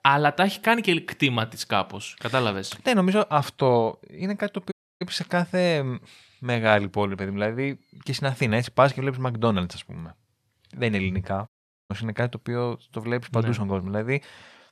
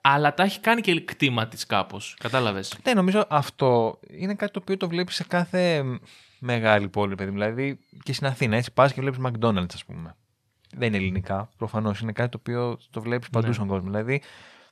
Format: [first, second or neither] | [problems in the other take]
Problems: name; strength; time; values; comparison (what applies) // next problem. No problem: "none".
second | audio cutting out; at 4.5 s and at 11 s